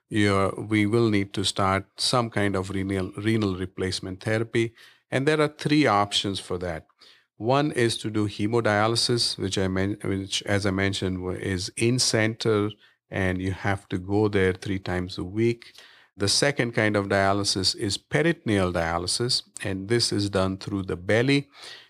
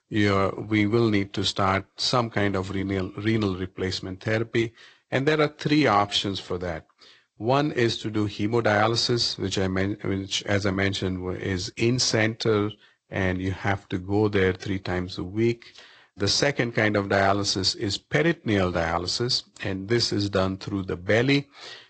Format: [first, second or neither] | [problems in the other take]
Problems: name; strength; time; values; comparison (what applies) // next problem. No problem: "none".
first | garbled, watery; slightly; nothing above 8 kHz